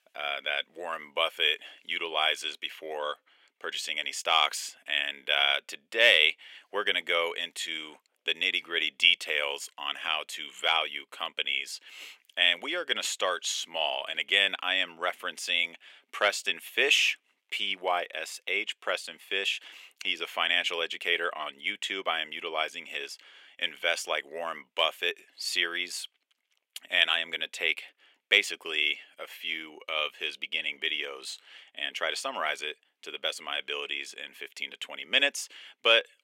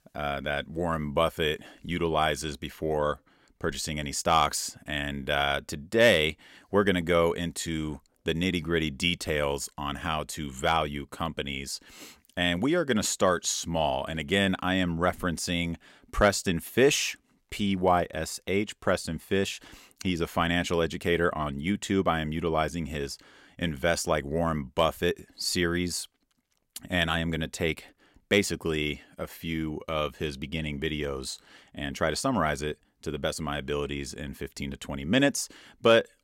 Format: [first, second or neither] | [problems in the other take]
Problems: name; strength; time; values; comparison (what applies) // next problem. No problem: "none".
second | thin; very; fading below 450 Hz